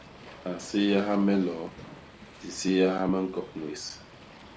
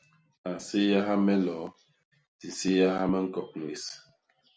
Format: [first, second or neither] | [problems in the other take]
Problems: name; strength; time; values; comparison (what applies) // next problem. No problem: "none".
second | background sound (Waves, surf); 19 dB below the speech